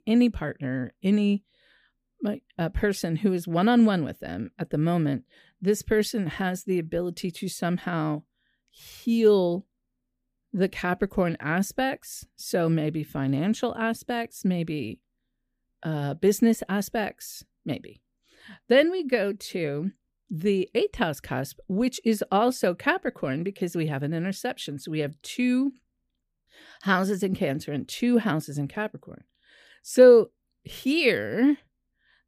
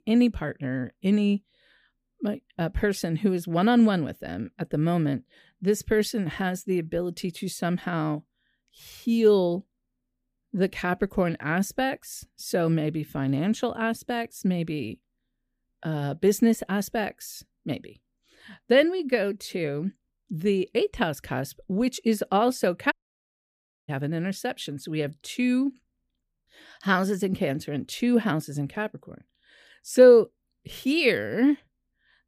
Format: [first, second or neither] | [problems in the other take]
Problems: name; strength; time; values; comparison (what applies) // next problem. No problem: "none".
first | audio cutting out; at 23 s for 1 s